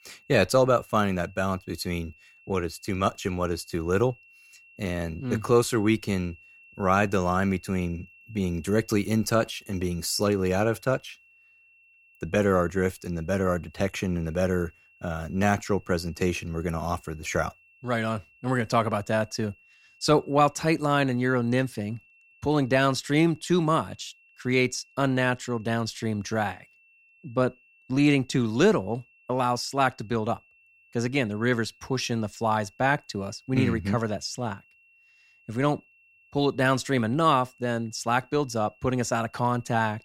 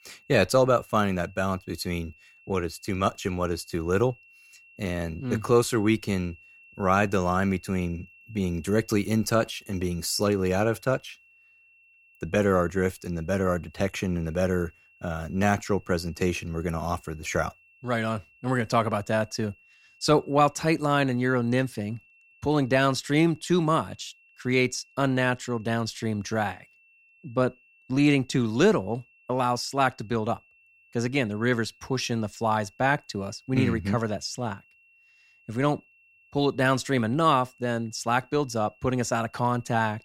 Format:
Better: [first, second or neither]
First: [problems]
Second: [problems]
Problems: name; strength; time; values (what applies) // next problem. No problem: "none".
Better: neither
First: high-pitched whine; faint; throughout; 2.5 kHz, 30 dB below the speech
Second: high-pitched whine; faint; throughout; 2.5 kHz, 30 dB below the speech